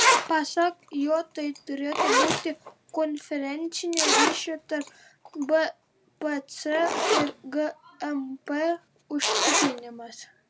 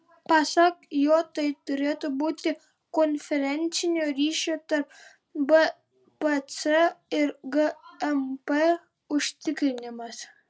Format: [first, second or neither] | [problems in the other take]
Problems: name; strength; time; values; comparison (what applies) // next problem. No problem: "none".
second | background sound (Zipper (clothing)); as loud as the speech